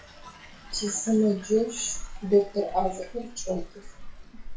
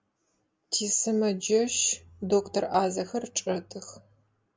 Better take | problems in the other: second | noise reduction (classical method WPE with log-MMSE)

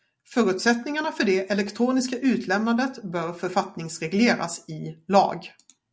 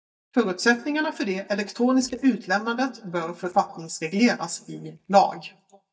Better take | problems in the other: first | noise reduction (neural mask model DeepFilterNet 3)

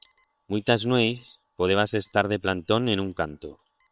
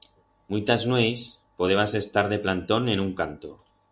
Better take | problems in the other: second | noise reduction (neural separator model SepFormer WHAM!)

